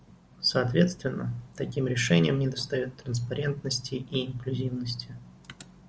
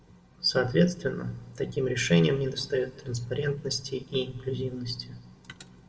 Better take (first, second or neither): first